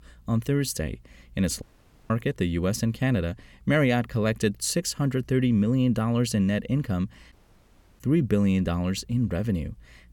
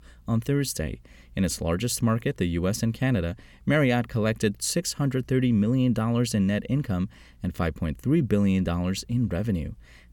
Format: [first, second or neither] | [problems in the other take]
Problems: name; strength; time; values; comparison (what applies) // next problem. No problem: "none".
second | audio cutting out; at 1.5 s and at 7.5 s for 0.5 s